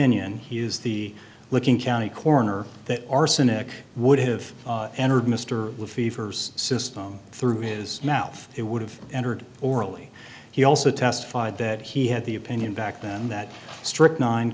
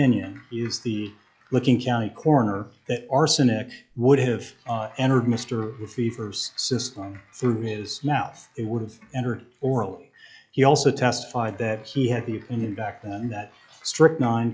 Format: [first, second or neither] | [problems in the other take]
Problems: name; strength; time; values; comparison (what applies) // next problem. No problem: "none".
first | noise reduction (classical method log-MMSE)